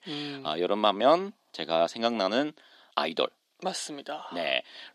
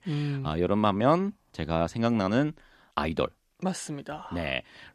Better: second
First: thin; somewhat; fading below 300 Hz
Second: none

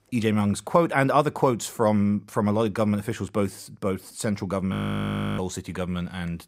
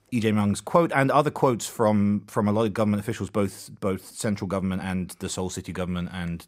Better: second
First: audio freezing; at 4.5 s for 0.5 s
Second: none

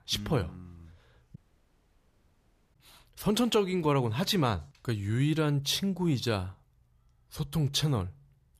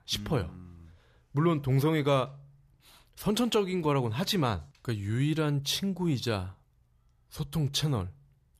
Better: second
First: audio cutting out; at 1.5 s for 1.5 s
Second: none

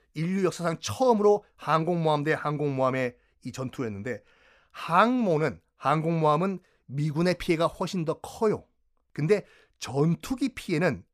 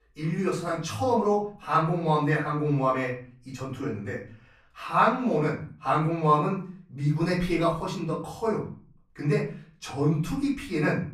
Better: first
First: none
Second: off-mic speech; far // room echo; slight; dies away in 0.5 s

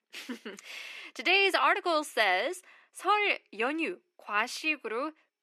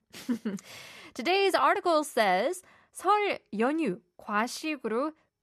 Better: second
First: thin; somewhat; fading below 300 Hz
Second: none

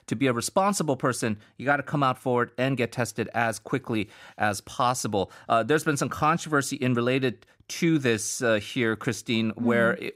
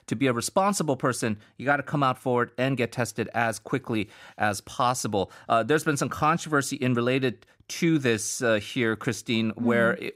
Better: neither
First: none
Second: none

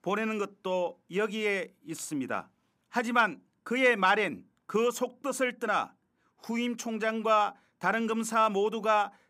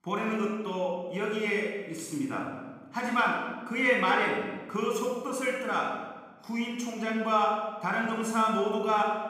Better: first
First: none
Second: off-mic speech; somewhat distant // room echo; noticeable; dies away in 1.2 s

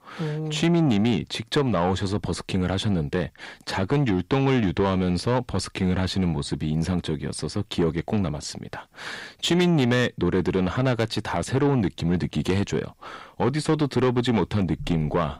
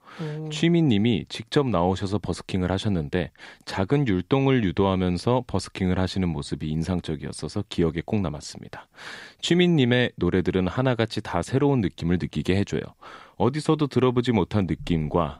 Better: second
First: distortion; slight; 10 dB below the speech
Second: none

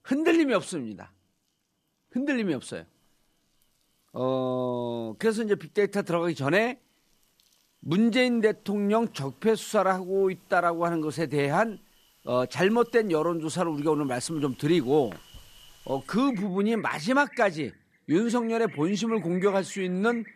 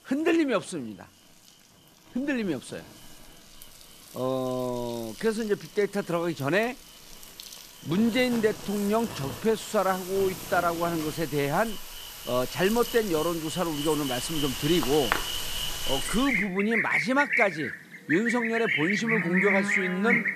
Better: first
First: animal sounds; faint; throughout; 25 dB below the speech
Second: animal sounds; loud; throughout; 2 dB below the speech

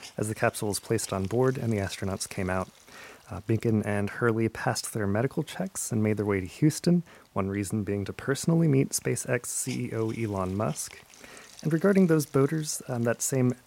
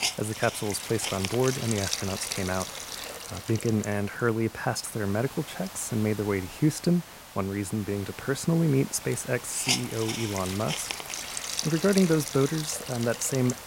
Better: first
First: hiss; faint; throughout; 25 dB below the speech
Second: hiss; loud; throughout; 6 dB below the speech

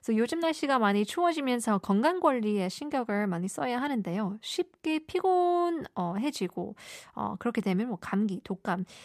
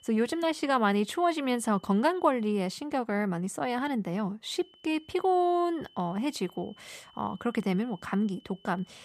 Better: first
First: none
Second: high-pitched whine; faint; until 3 s and from 4.5 s on; 3 kHz, 30 dB below the speech

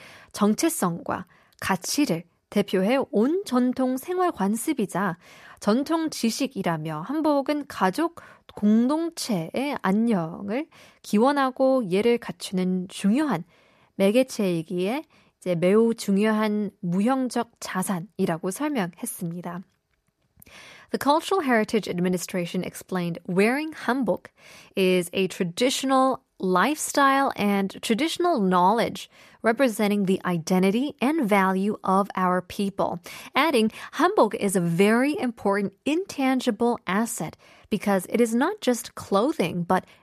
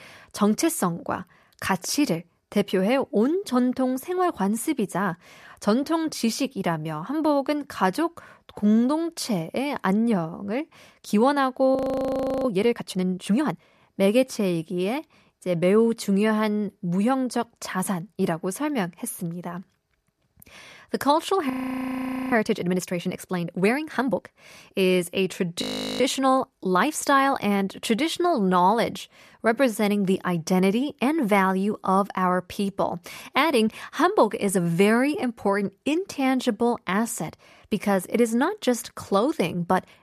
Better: first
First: none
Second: audio freezing; at 12 s for 0.5 s, at 22 s for 1 s and at 26 s

